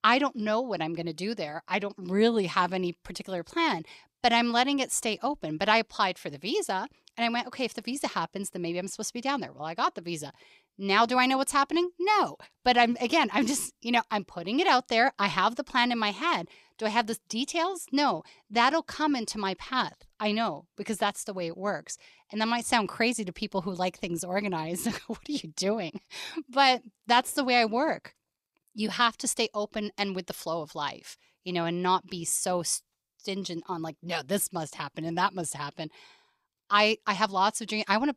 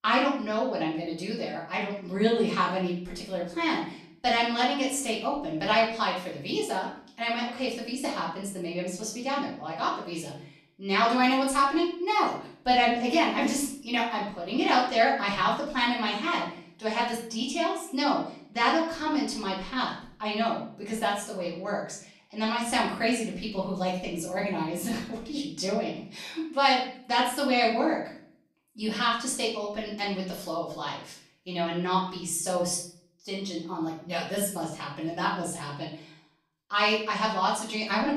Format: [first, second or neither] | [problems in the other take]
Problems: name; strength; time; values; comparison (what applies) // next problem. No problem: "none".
first | room echo; noticeable; dies away in 0.5 s // off-mic speech; far